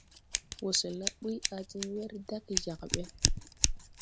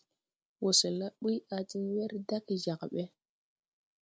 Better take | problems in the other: second | background sound (Scissors); 4 dB above the speech

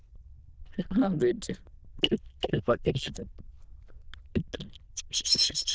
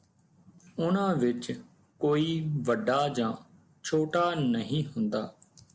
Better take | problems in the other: second | noise reduction (neural diffusion model UNIVERSE++)

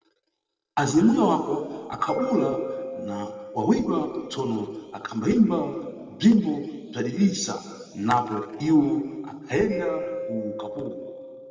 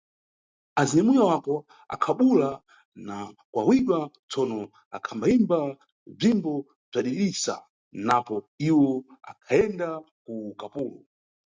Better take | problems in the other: second | background sound (Mallet percussion); 13 dB below the speech // room echo; dies away in 2.1 s

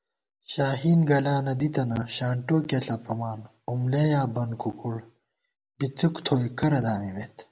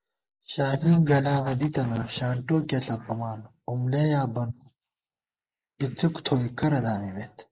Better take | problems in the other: first | noise reduction (neural mask model Resemble Enhance denoiser)

